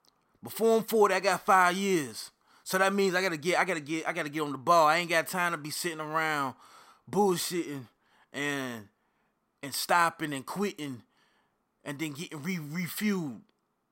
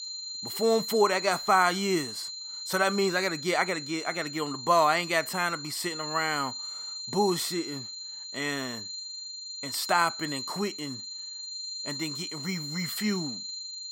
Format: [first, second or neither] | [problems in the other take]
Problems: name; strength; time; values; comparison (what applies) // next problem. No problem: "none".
first | high-pitched whine; loud; throughout; 4 kHz, 7 dB below the speech